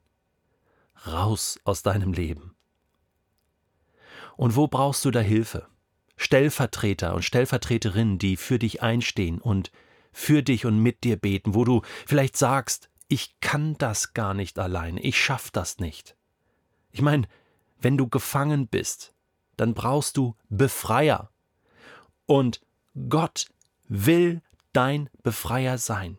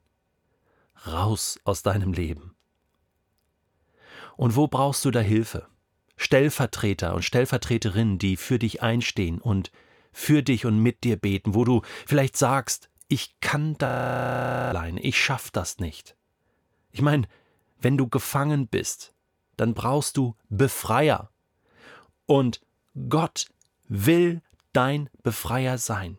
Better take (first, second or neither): first